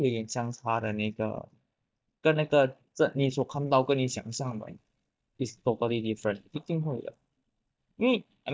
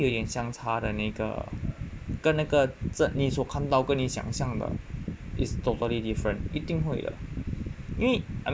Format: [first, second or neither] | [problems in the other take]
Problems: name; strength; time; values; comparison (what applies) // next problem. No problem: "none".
second | noise reduction (neural mask model DeepFilterNet 3)